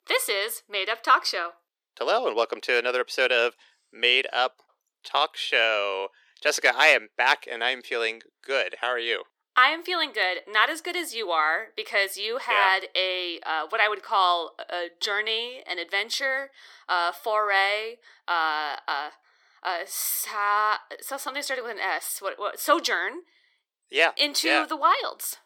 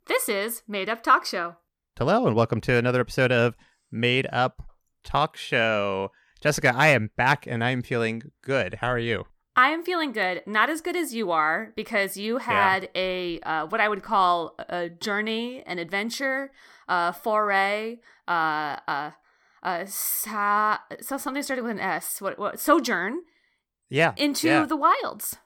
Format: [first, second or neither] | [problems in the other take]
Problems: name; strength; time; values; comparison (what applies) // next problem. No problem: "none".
second | thin; very; fading below 350 Hz